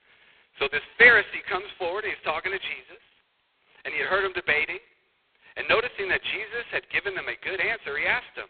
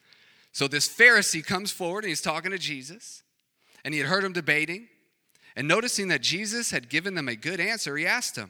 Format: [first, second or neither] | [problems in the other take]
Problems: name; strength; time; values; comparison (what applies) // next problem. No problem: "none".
second | phone-call audio; poor line; nothing above 4 kHz